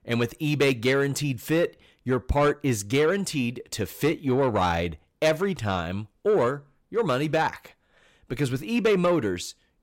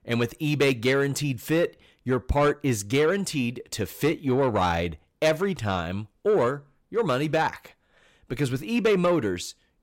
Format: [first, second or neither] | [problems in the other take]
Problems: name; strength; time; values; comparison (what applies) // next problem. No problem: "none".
neither | distortion; slight; 10 dB below the speech; the same in both